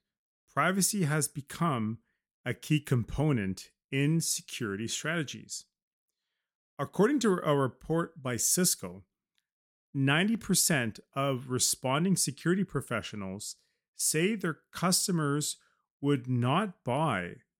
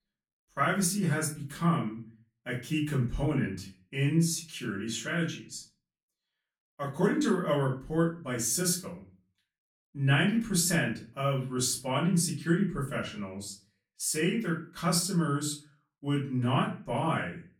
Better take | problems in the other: first | room echo; slight; dies away in 0.3 s // off-mic speech; far

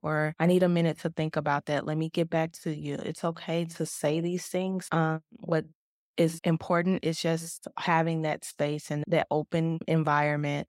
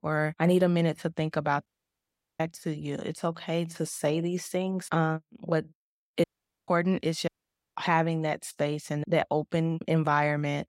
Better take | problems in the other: first | audio cutting out; at 1.5 s for 0.5 s, at 6 s and at 7.5 s

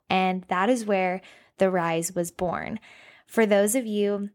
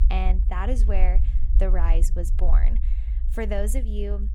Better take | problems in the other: first | low rumble; noticeable; throughout; 15 dB below the speech

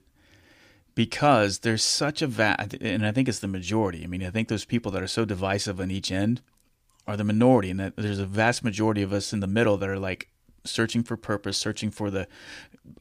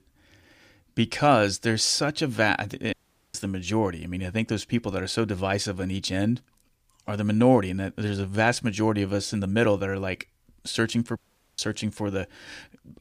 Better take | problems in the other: first | audio cutting out; at 3 s and at 11 s

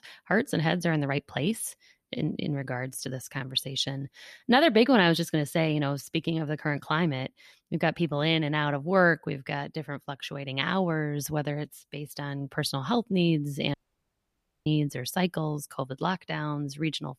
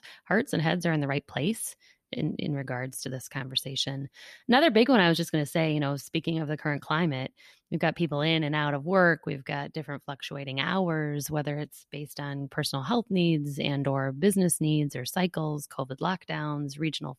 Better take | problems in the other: second | audio cutting out; at 14 s for 1 s

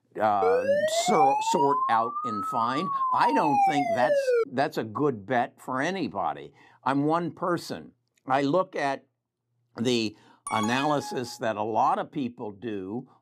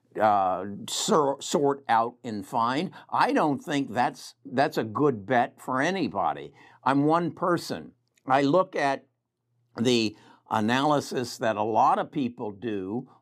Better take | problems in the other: second | siren; loud; until 4.5 s; peak 5 dB above the speech // alarm; noticeable; at 10 s; peak 3 dB below the speech

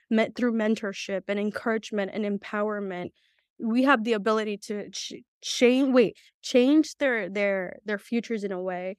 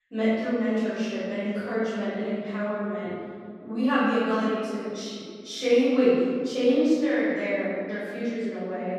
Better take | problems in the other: first | off-mic speech; far // room echo; strong; dies away in 2.2 s

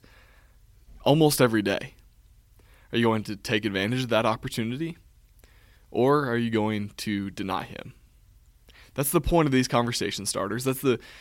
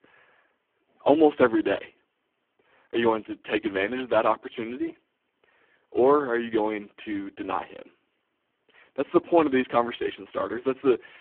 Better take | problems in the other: first | phone-call audio; poor line

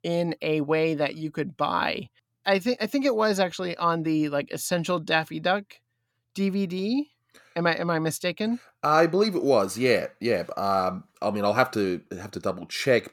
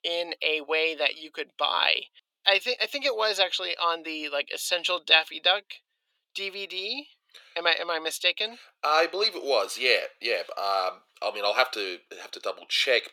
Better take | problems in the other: first | thin; very; fading below 450 Hz

